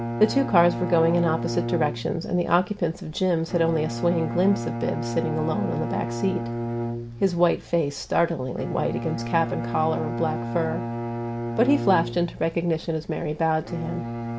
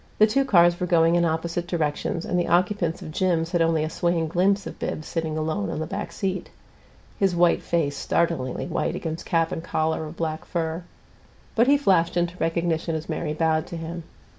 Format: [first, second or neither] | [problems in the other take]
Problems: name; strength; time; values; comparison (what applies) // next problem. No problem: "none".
second | background sound (Bowed string instrument); 6 dB below the speech